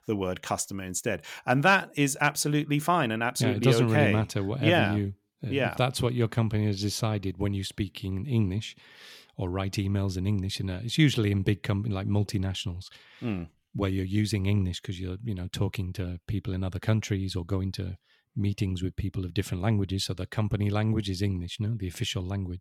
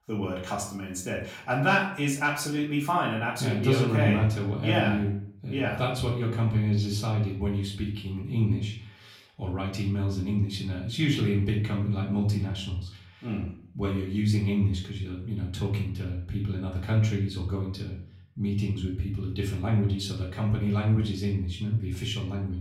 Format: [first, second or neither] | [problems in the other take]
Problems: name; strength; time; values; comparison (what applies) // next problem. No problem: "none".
first | off-mic speech; far // room echo; noticeable; dies away in 0.5 s